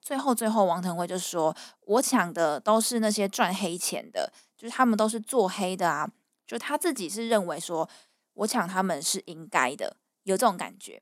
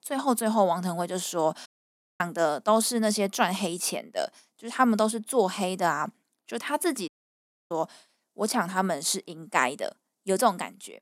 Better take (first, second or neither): first